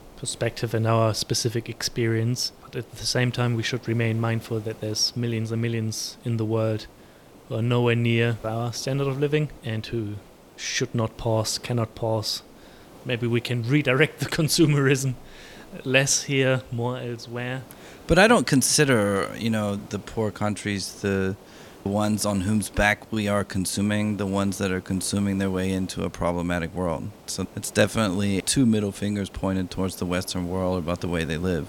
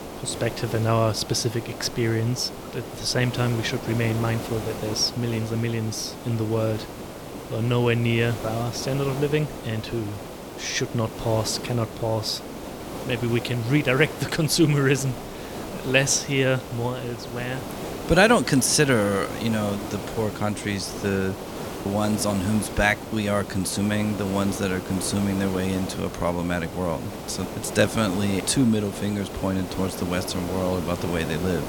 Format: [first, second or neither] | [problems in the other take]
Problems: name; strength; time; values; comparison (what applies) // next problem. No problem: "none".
first | hiss; loud; throughout; 10 dB below the speech; faint in the first